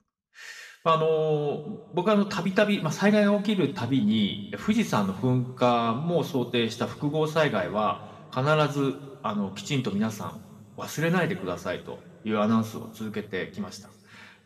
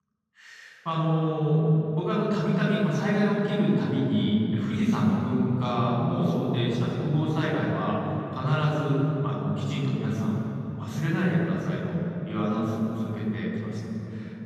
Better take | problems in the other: first | room echo; strong; dies away in 3 s; slight in the first // off-mic speech; far

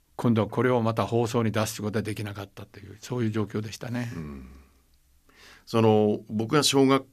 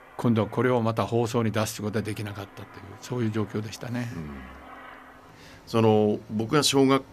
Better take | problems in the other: first | train or aircraft noise; faint; throughout; 25 dB below the speech

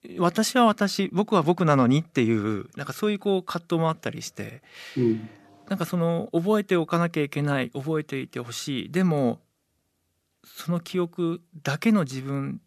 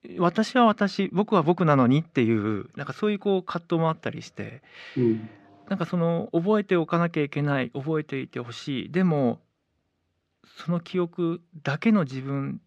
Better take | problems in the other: first | muffled; slightly; fading above 3.5 kHz

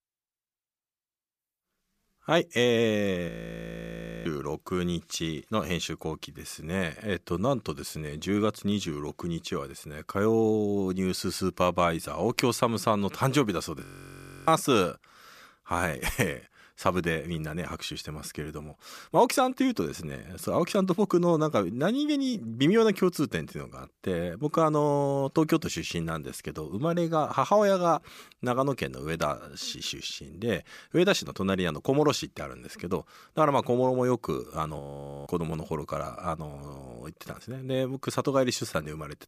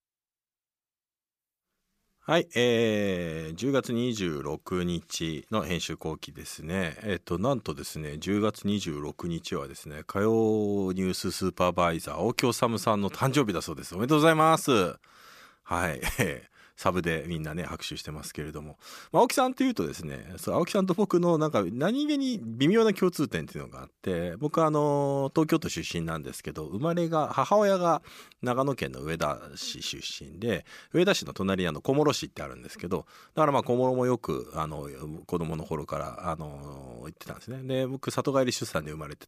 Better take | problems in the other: second | audio freezing; at 3.5 s for 1 s, at 14 s for 0.5 s and at 35 s

